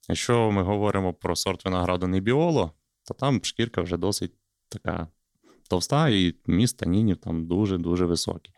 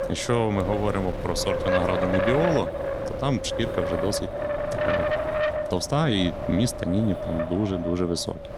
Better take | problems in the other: first | wind noise on the microphone; heavy; 1 dB above the speech

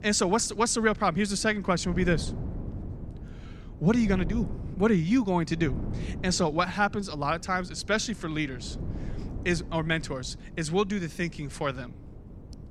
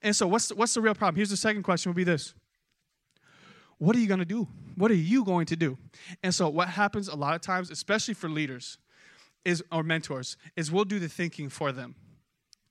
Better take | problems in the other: second | wind noise on the microphone; occasional gusts; 20 dB below the speech

